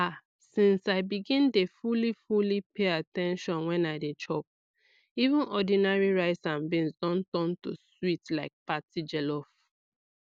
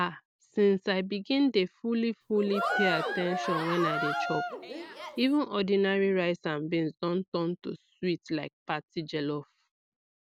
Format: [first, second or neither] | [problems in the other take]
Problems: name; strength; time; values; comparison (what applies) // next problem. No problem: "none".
first | background sound (Cheering); 3 dB below the speech